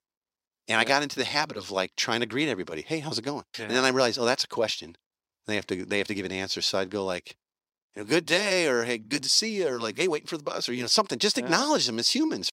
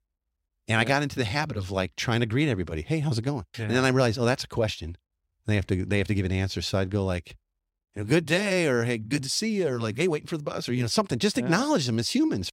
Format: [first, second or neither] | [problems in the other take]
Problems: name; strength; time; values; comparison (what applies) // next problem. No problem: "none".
second | thin; somewhat; fading below 300 Hz